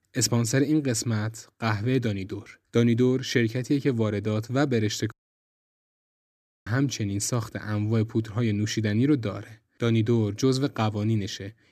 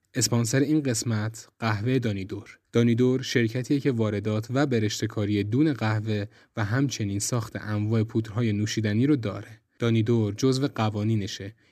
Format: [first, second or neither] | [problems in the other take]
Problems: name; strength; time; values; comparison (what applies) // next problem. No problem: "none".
second | audio cutting out; at 5 s for 1.5 s